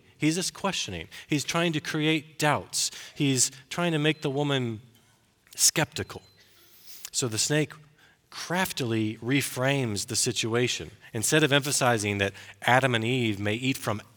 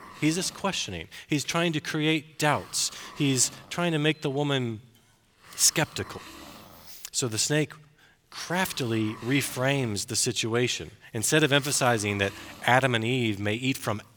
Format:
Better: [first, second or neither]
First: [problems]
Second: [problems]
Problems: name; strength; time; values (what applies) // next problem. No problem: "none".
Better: first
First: none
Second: hiss; faint; throughout; 20 dB below the speech